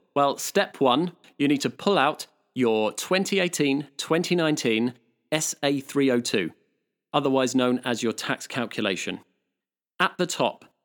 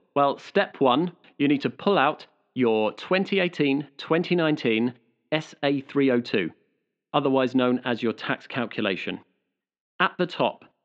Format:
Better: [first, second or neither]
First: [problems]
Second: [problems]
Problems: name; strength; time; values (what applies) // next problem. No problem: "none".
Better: first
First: none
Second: muffled; slightly; fading above 3.5 kHz